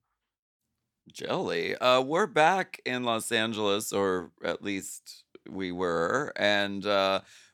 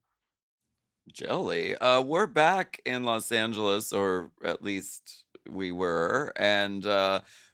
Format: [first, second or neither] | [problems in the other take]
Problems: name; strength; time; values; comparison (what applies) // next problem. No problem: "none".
first | garbled, watery; slightly; nothing above 19 kHz